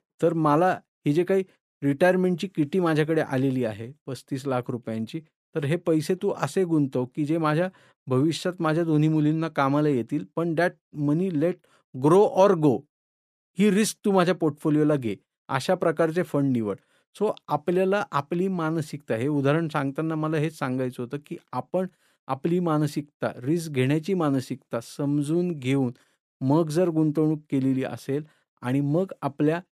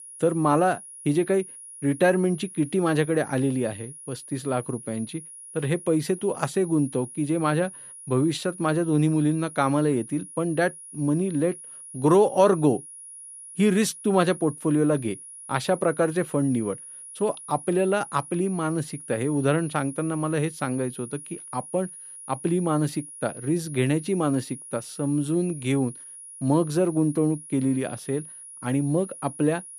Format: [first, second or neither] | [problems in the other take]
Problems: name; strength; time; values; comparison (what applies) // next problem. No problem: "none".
first | high-pitched whine; noticeable; throughout; 10.5 kHz, 15 dB below the speech